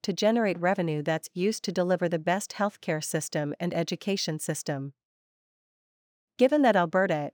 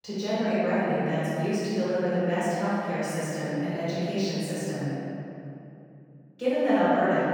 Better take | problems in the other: first | off-mic speech; far // room echo; strong; dies away in 2.8 s

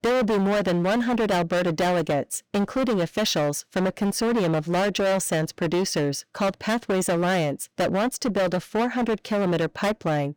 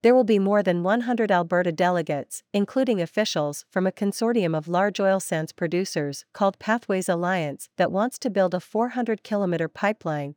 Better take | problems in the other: second | distortion; heavy; 26% of the sound clipped

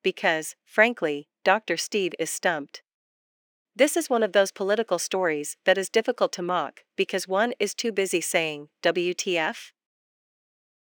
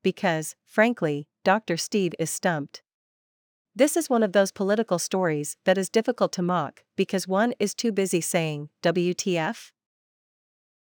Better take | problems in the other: second | thin; somewhat; fading below 350 Hz

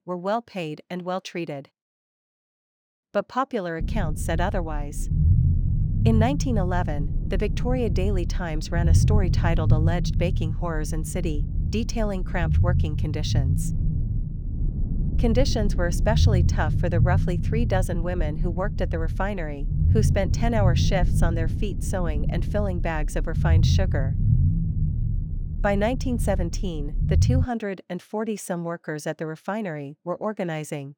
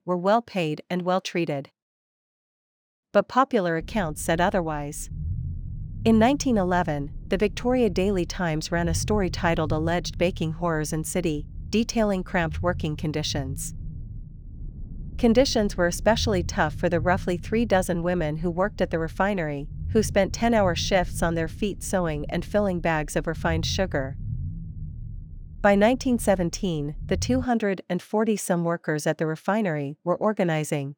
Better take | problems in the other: second | low rumble; loud; from 4 to 27 s; 9 dB below the speech; faint in the second

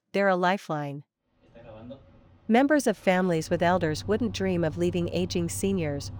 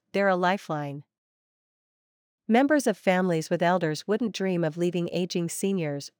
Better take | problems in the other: second | traffic noise; noticeable; from 1.5 s on; 15 dB below the speech

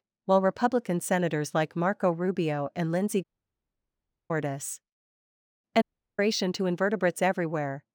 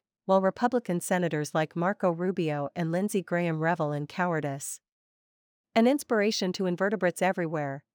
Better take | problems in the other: second | audio cutting out; at 3 s for 1 s and at 6 s

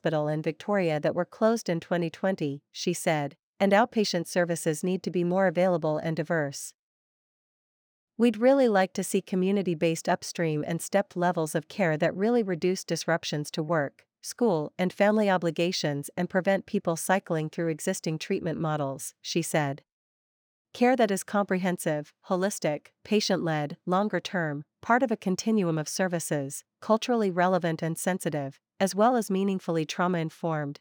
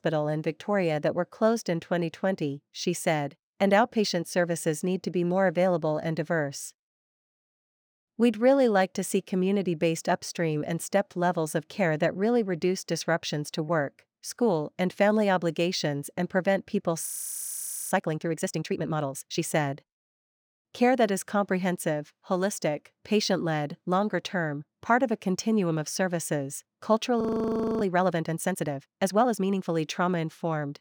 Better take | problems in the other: first | audio freezing; at 17 s for 1 s and at 27 s for 0.5 s

